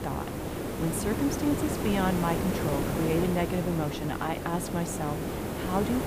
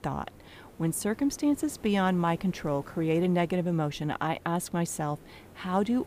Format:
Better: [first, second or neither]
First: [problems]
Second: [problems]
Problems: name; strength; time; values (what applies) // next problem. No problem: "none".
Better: second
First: hiss; loud; throughout; 1 dB below the speech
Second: hiss; faint; throughout; 20 dB below the speech